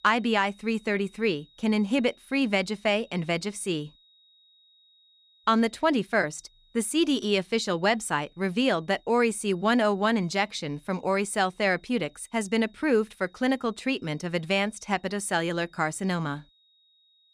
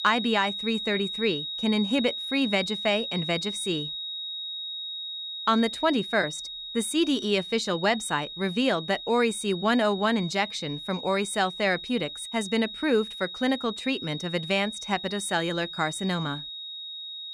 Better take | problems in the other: first | high-pitched whine; loud; throughout; 4 kHz, 7 dB below the speech; faint in the first

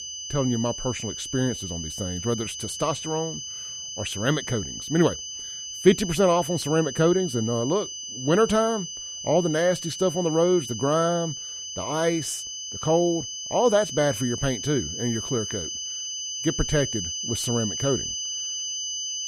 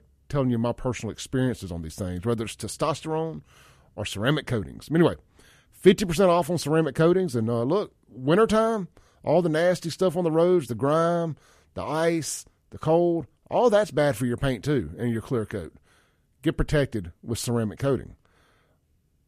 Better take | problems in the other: second | high-pitched whine; loud; throughout; 6 kHz, 6 dB below the speech

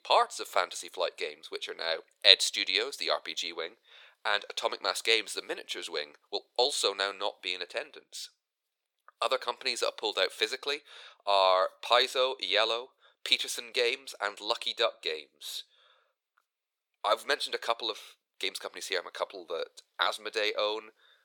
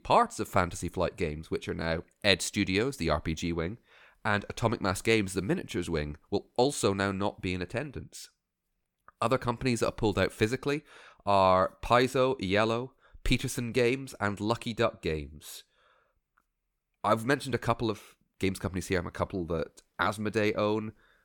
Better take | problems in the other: second | thin; very; fading below 500 Hz

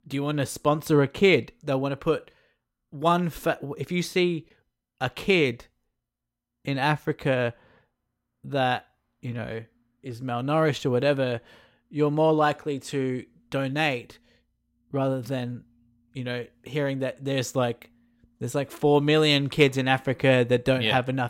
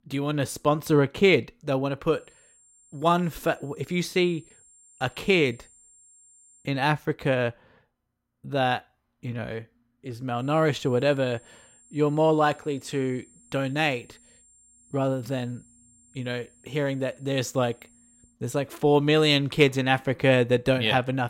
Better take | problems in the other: first | high-pitched whine; faint; from 2 to 6.5 s and from 10 to 18 s; 7.5 kHz, 30 dB below the speech

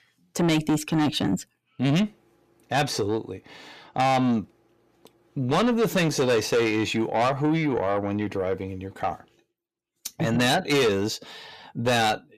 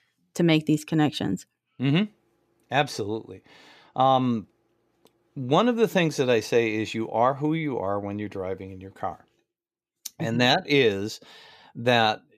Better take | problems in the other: second | distortion; heavy; 7 dB below the speech

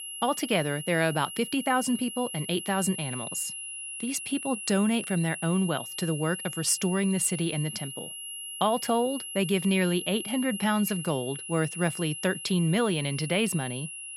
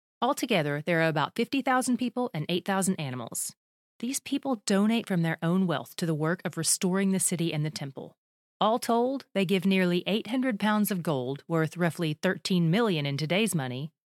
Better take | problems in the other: second | high-pitched whine; loud; throughout; 3 kHz, 8 dB below the speech

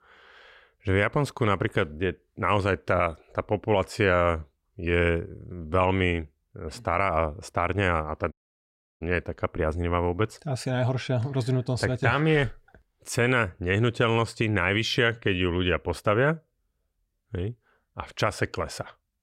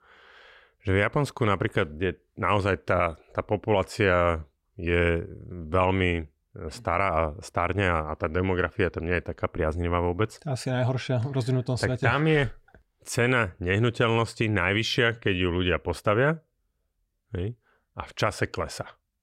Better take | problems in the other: second | audio cutting out; at 8.5 s for 0.5 s

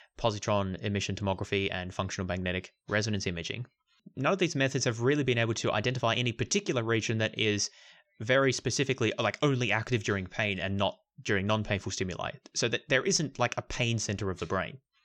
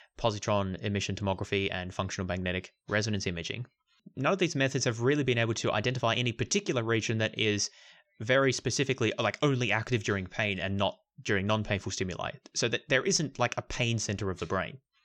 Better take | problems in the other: neither | none

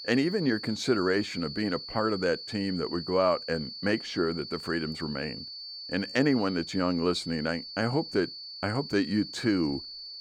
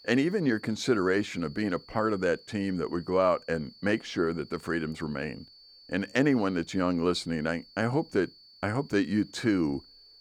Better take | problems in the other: second | high-pitched whine; loud; throughout; 4.5 kHz, 9 dB below the speech; faint in the second

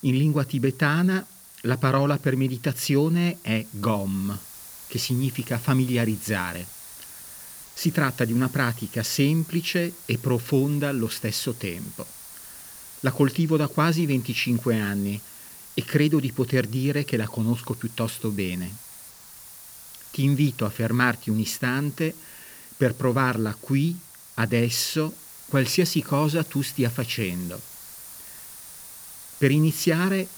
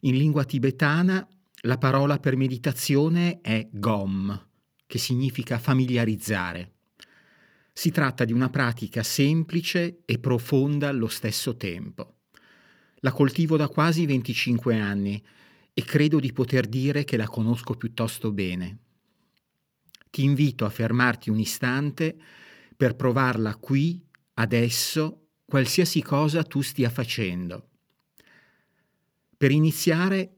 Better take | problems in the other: second | hiss; noticeable; throughout; 15 dB below the speech

